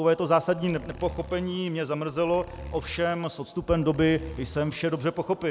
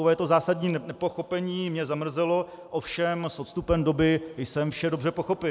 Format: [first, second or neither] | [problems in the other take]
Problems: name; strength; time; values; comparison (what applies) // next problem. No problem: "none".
second | background sound (Zipper (clothing)); 16 dB below the speech